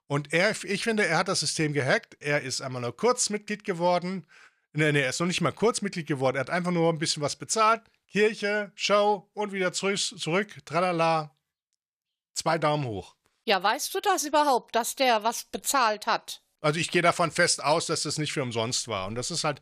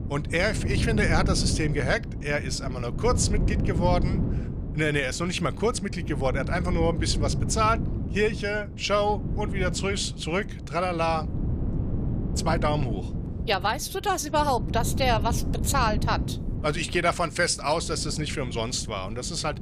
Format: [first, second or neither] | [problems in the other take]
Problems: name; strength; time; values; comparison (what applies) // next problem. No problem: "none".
first | wind noise on the microphone; occasional gusts; 15 dB below the speech